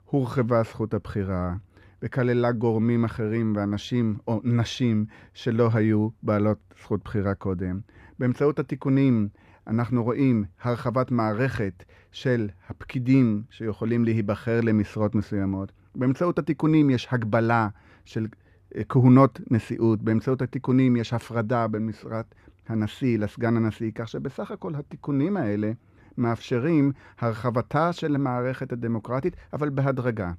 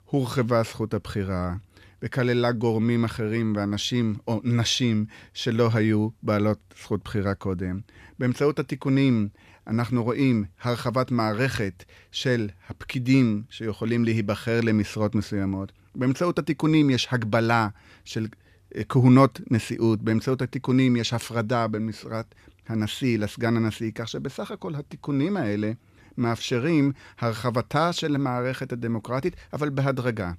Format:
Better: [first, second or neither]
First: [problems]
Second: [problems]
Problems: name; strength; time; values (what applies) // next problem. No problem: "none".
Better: second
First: muffled; slightly; fading above 2.5 kHz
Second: none